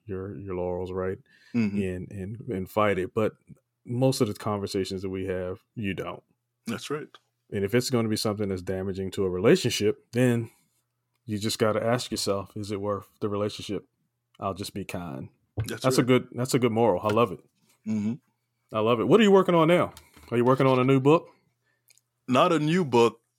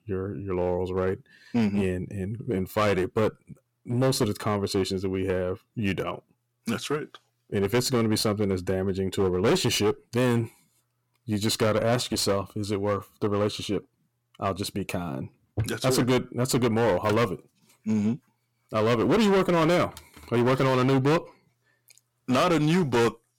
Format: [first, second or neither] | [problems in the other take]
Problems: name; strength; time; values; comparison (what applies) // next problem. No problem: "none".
first | distortion; heavy; 12% of the sound clipped